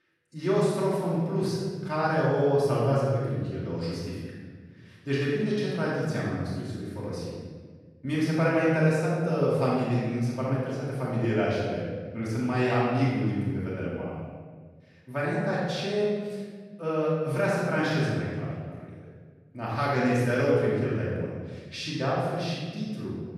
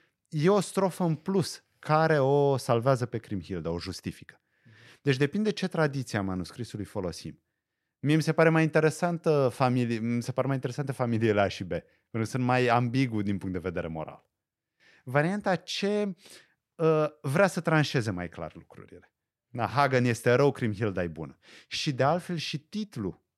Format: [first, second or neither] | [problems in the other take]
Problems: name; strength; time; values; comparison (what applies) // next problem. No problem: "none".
second | room echo; strong; dies away in 1.5 s // off-mic speech; far